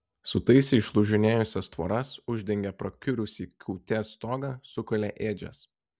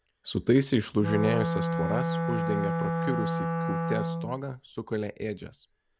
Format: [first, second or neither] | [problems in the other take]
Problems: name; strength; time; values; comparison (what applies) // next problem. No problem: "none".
first | background sound (Wind instrument, woodwind instrument); 1 dB below the speech